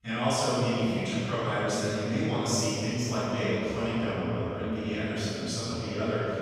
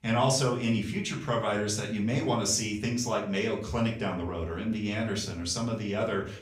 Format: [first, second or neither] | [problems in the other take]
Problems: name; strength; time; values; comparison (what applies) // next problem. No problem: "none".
second | room echo; strong; dies away in 3 s; slight in the second // off-mic speech; far; far in the second